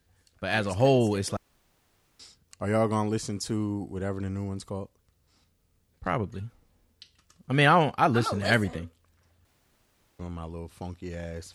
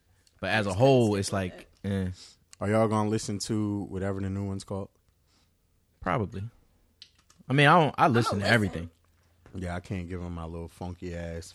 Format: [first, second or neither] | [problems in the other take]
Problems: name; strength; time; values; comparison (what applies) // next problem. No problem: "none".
second | audio cutting out; at 1.5 s for 1 s and at 9.5 s for 0.5 s